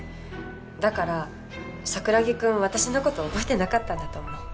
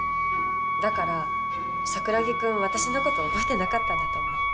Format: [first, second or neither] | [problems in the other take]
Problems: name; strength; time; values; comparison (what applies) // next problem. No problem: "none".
first | background sound (Wind instrument, woodwind instrument); 3 dB above the speech